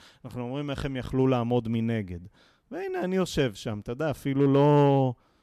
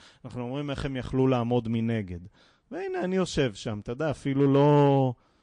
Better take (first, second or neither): first